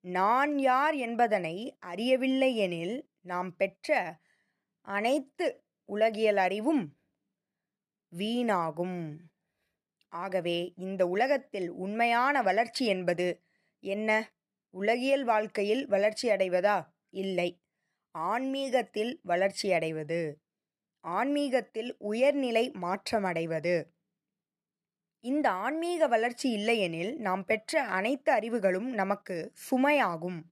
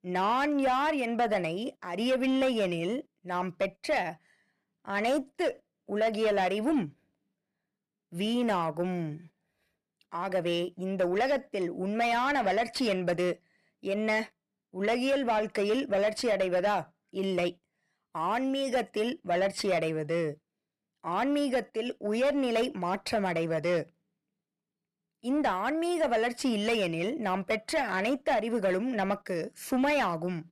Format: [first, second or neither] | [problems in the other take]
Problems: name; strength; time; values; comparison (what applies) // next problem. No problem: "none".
first | distortion; slight; 10 dB below the speech